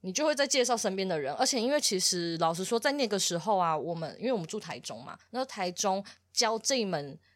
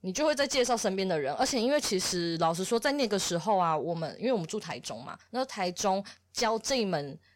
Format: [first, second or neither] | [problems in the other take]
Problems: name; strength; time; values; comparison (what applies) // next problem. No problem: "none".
first | distortion; slight; 10 dB below the speech